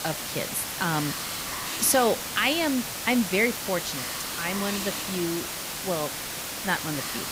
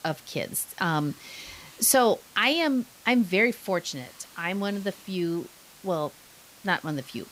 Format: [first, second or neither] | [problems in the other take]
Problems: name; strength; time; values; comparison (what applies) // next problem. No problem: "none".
second | hiss; loud; throughout; 3 dB below the speech; faint in the second